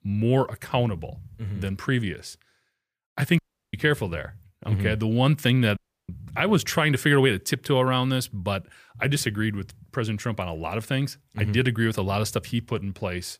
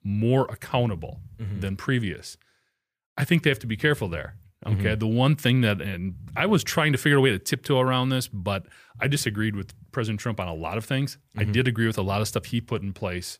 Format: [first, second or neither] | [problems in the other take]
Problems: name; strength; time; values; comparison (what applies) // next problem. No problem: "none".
second | audio cutting out; at 3.5 s and at 6 s